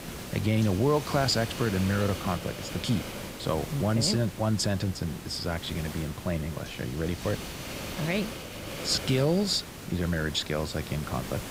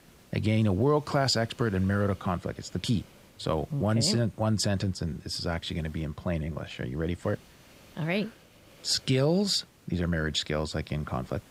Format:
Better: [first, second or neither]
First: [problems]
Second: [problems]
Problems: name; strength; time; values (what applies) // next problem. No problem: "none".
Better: second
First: hiss; loud; throughout; 9 dB below the speech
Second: hiss; faint; throughout; 25 dB below the speech